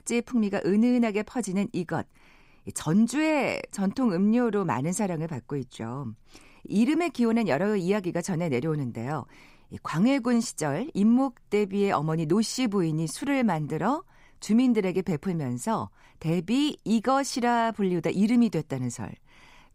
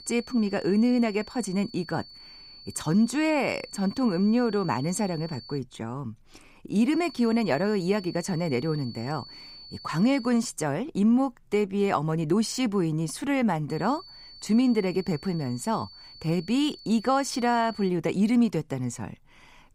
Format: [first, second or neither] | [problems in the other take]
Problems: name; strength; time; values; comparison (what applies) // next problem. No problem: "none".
first | high-pitched whine; noticeable; until 5.5 s, from 7 to 10 s and from 14 to 18 s; 4.5 kHz, 20 dB below the speech